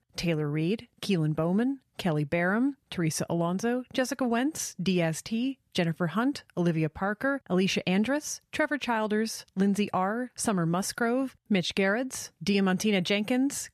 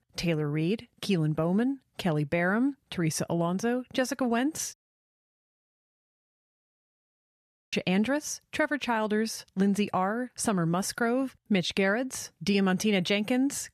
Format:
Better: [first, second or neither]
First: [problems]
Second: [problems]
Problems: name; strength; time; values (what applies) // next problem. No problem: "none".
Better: first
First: none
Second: audio cutting out; at 4.5 s for 3 s